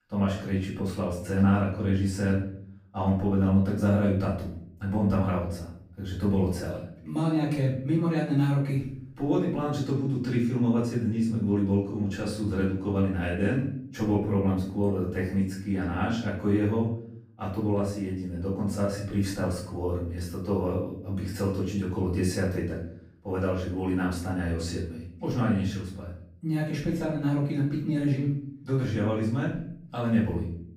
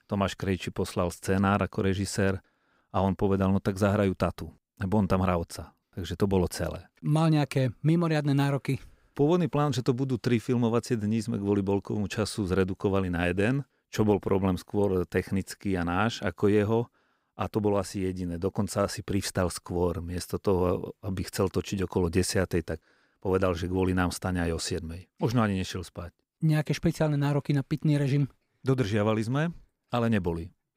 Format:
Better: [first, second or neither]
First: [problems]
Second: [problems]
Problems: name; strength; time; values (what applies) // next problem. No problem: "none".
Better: second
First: off-mic speech; far // room echo; noticeable; dies away in 0.7 s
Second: none